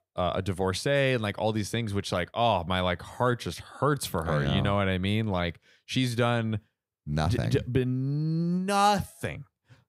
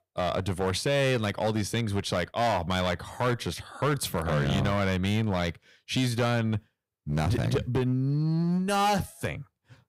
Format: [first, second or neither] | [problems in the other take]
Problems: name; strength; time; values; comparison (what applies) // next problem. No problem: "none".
first | distortion; slight; 11% of the sound clipped